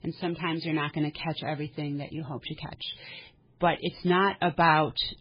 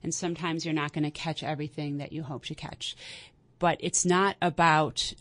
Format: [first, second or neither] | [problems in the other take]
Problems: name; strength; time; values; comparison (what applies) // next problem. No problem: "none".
second | garbled, watery; badly; nothing above 4 kHz; slightly in the second